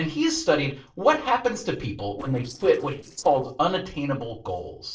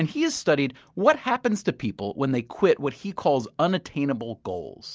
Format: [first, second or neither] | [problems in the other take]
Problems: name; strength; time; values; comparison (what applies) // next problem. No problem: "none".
second | noise reduction (neural separator model SepFormer DNS4)